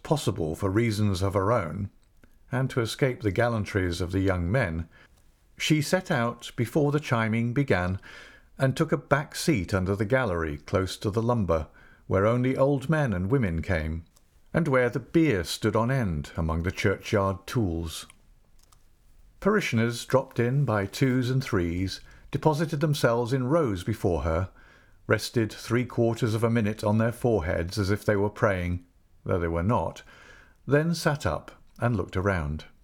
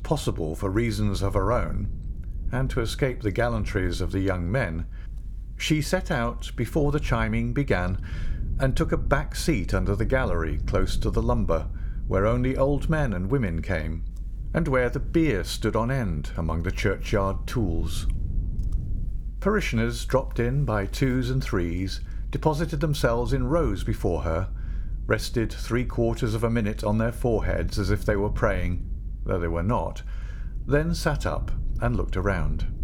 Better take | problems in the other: first | low rumble; faint; throughout; 25 dB below the speech

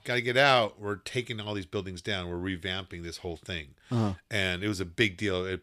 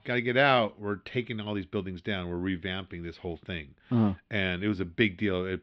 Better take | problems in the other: first | muffled; slightly; fading above 3.5 kHz

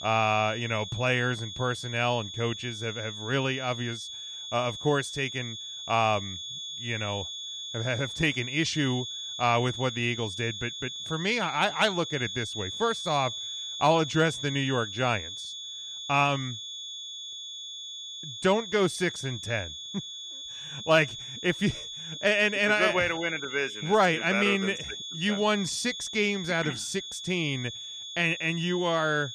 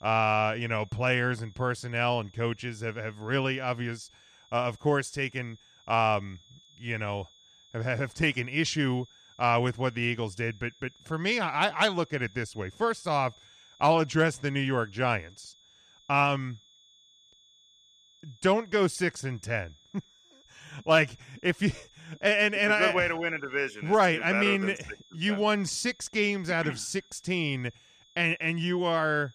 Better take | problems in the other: second | high-pitched whine; loud; throughout; 3.5 kHz, 8 dB below the speech; faint in the second

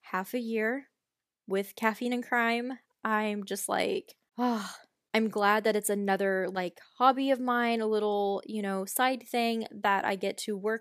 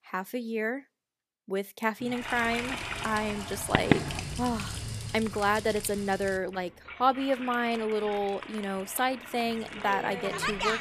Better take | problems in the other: first | household noises; loud; from 2.5 s on; 5 dB below the speech

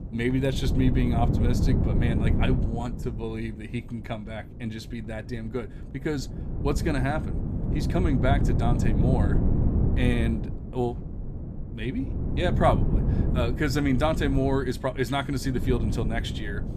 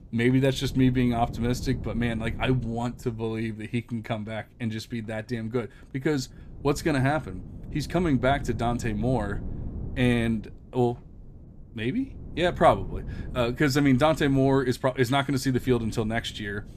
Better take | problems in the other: second | wind noise on the microphone; heavy; 7 dB below the speech; occasional gusts in the second

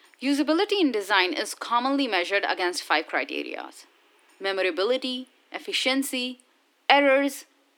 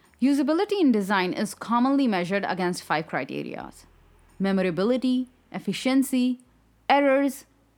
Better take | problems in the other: second | thin; very slightly; fading below 300 Hz

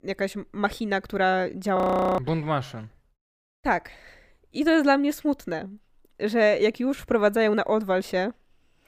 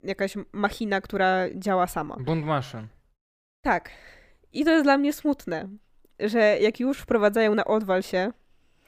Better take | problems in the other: second | audio freezing; at 2 s

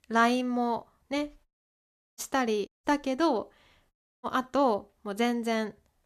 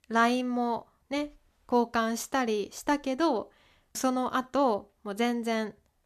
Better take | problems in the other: second | audio cutting out; at 1.5 s for 0.5 s, at 2.5 s and at 4 s

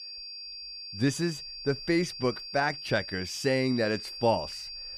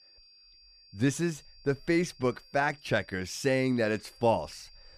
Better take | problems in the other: second | high-pitched whine; loud; throughout; 4.5 kHz, 9 dB below the speech; faint in the second

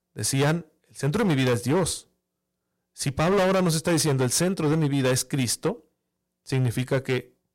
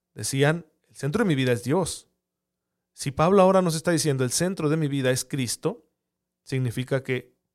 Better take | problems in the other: second | distortion; heavy; 13% of the sound clipped

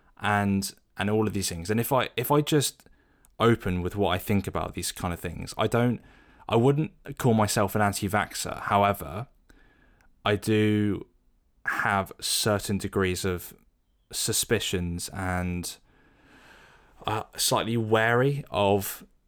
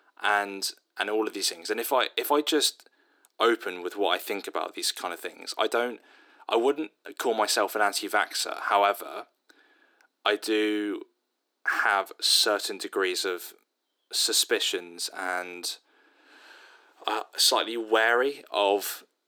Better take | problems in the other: first | thin; very; fading below 300 Hz

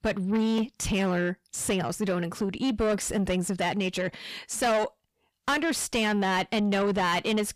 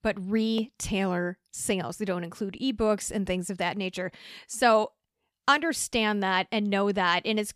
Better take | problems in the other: second | distortion; heavy; 7 dB below the speech

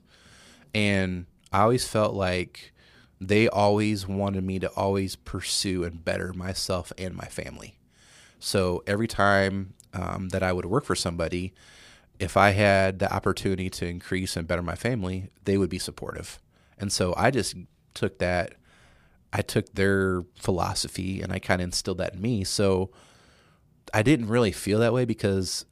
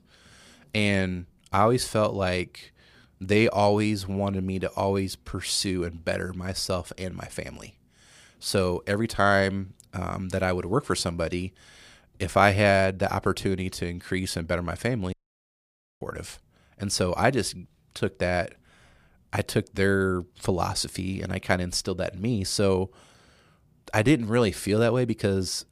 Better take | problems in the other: first | audio cutting out; at 15 s for 1 s

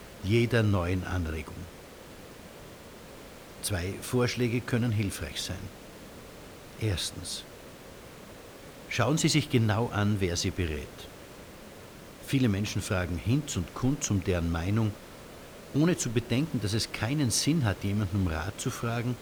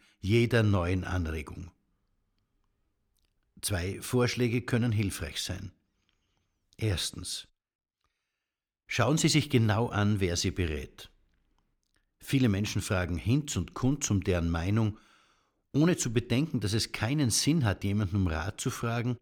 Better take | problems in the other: second | hiss; noticeable; throughout; 15 dB below the speech

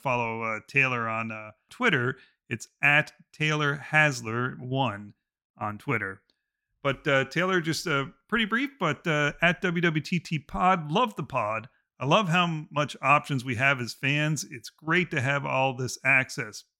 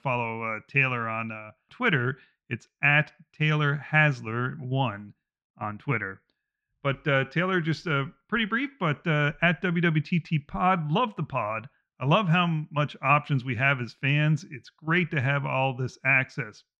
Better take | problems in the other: first | muffled; slightly; fading above 3 kHz

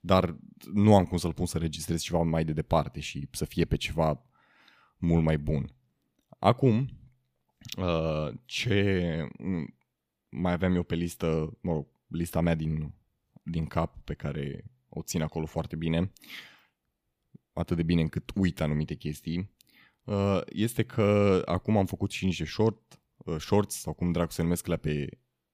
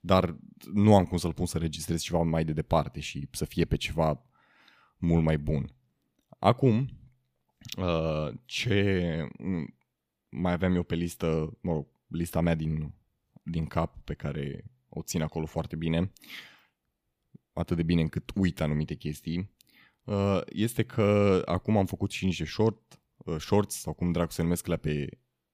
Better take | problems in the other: neither | none

